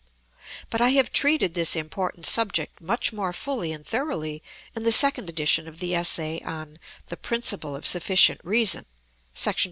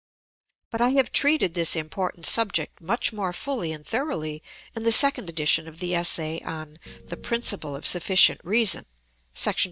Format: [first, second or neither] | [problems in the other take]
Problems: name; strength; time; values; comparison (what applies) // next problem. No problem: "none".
first | noise reduction (neural mask model DeepFilterNet 3)